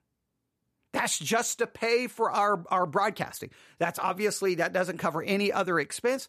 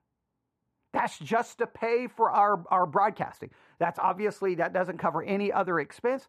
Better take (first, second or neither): first